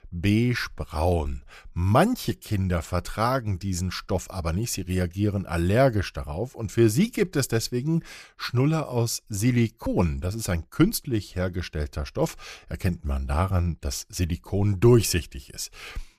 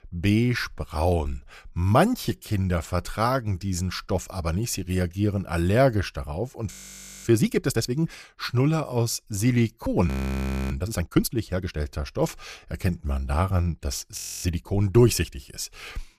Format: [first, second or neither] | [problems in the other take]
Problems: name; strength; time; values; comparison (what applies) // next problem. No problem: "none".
first | audio freezing; at 6.5 s for 0.5 s, at 10 s for 0.5 s and at 14 s